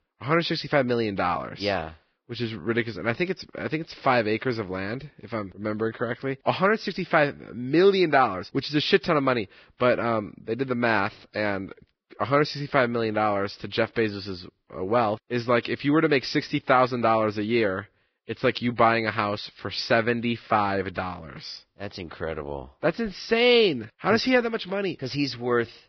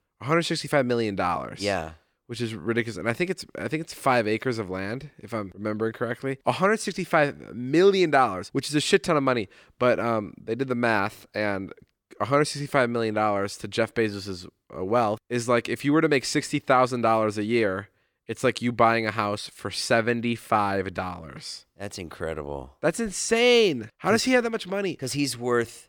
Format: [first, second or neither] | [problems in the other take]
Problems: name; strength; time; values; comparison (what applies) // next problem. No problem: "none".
second | garbled, watery; badly; nothing above 5.5 kHz